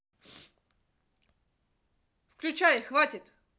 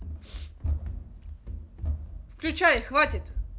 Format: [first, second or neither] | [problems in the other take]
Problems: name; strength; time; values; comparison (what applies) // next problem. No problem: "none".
first | background sound (Run); 4 dB below the speech